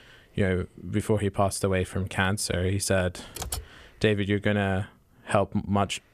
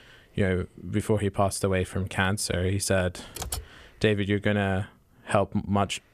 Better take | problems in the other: neither | keyboard typing; noticeable; at 3.5 s; peak 7 dB below the speech; the same in both

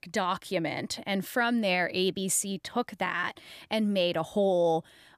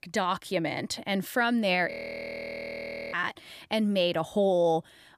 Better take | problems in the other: first | audio freezing; at 2 s for 1 s

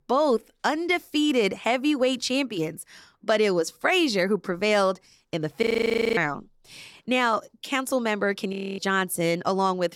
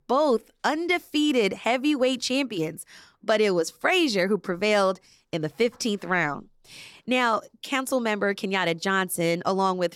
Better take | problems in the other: second | audio freezing; at 5.5 s for 0.5 s and at 8.5 s

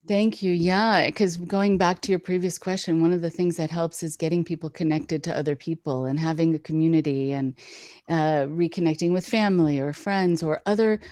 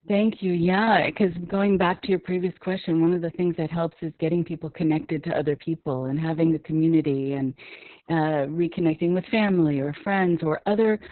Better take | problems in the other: first | garbled, watery; badly; nothing above 4 kHz; slightly in the first

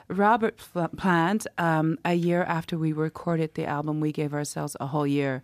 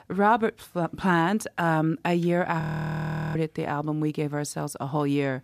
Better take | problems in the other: first | audio freezing; at 2.5 s for 0.5 s

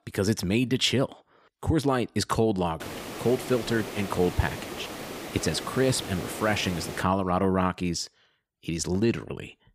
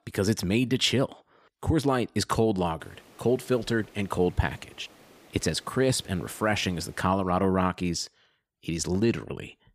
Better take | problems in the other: second | hiss; loud; from 3 to 7 s; 10 dB below the speech; faint in the second

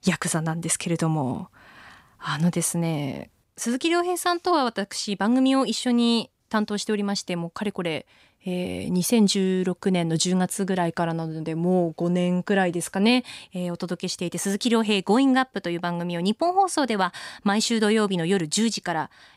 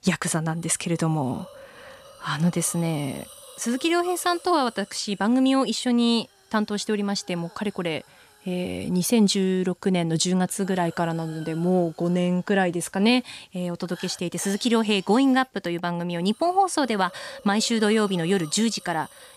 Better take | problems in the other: first | hiss; faint; throughout; 20 dB below the speech

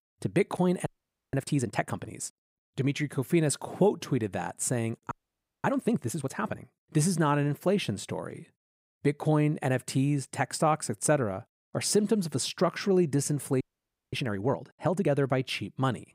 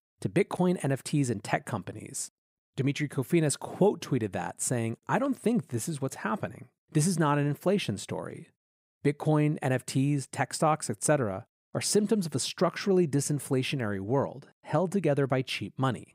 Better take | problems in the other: second | audio freezing; at 1 s, at 5 s for 0.5 s and at 14 s for 0.5 s

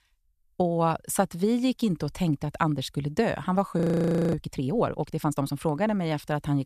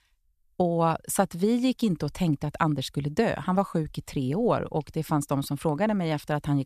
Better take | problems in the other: second | audio freezing; at 4 s for 0.5 s

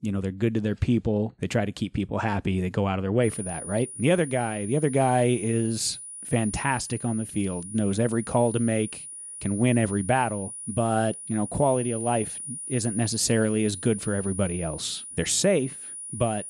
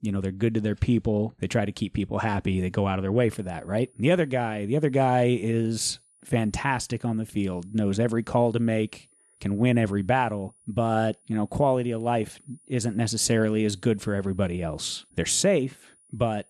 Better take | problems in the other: second | high-pitched whine; loud; from 3 s on; 9.5 kHz, 9 dB below the speech; faint in the second

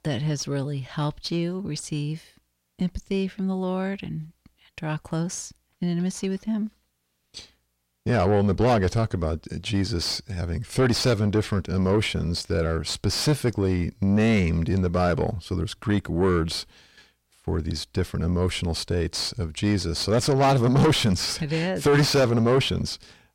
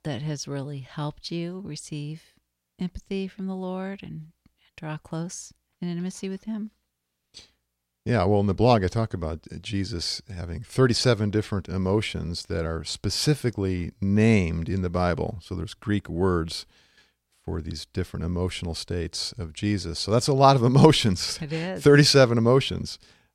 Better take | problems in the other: second | distortion; heavy; 6 dB below the speech

